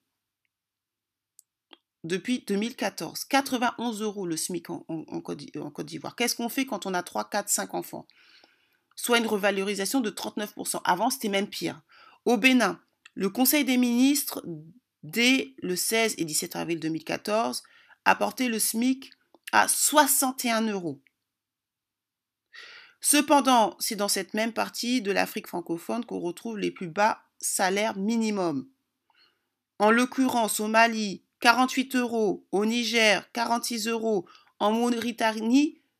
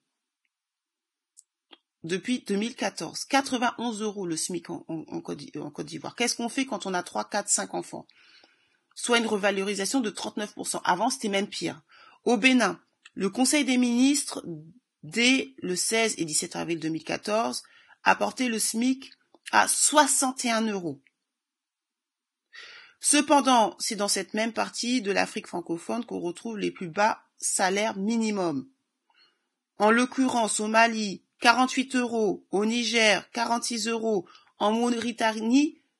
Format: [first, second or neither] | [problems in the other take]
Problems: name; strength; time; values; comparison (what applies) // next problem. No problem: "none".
first | garbled, watery; badly; nothing above 10.5 kHz